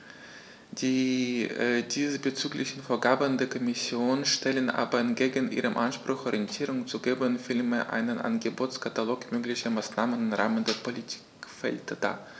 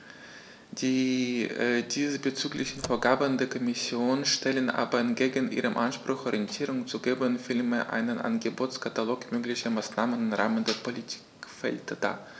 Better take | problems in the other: first | background sound (Car); 12 dB below the speech

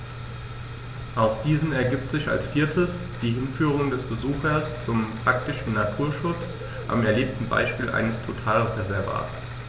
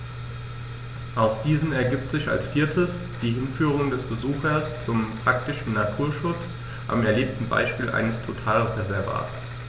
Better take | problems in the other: second | background sound (Bird / Rain); 16 dB below the speech

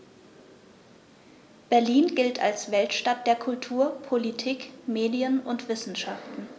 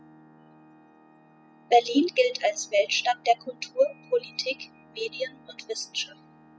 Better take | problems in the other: first | noise reduction (classical method spectral subtraction)

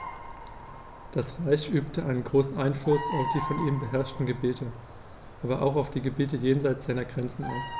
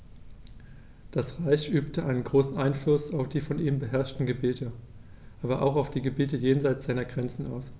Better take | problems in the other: second | background sound (Bird vocalization, bird call, bird song); 11 dB below the speech

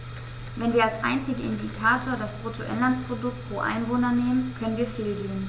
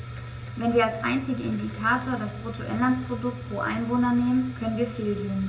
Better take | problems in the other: first | room echo; dies away in 0.4 s

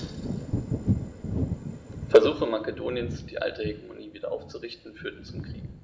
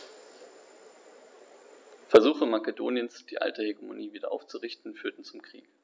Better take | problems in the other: second | background sound (Thunder / Wind); 4 dB below the speech // room echo; dies away in 0.9 s

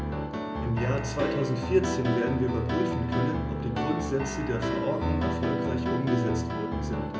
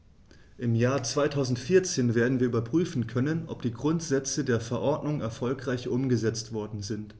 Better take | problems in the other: second | background sound (Piano); as loud as the speech // room echo; dies away in 0.5 s

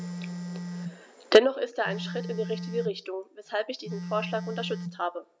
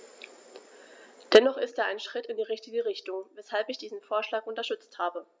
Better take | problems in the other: second | background sound (Telephone); 8 dB below the speech

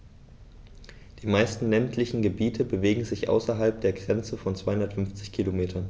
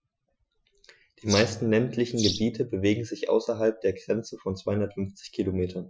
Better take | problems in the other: first | noise reduction (classical method Wiener filter)

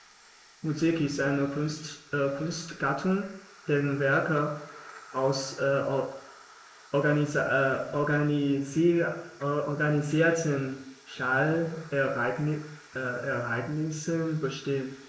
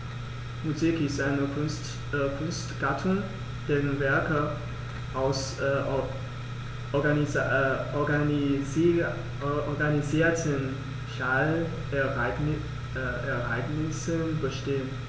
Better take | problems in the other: second | noise reduction (neural mask model Resemble Enhance denoiser)

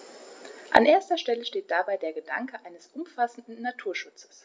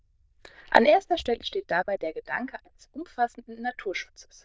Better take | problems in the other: first | noise reduction (neural diffusion model UNIVERSE++)

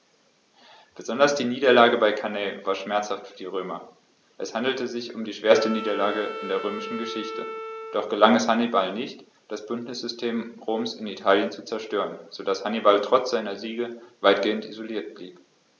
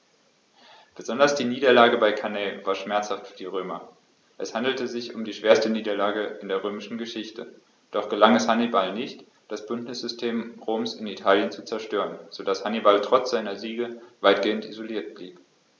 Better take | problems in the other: second | background sound (Wind instrument, woodwind instrument); 10 dB below the speech

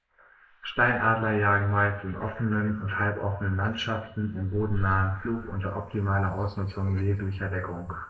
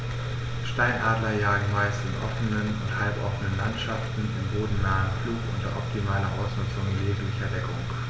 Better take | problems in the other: second | noise reduction (neural mask model Resemble Enhance denoiser)

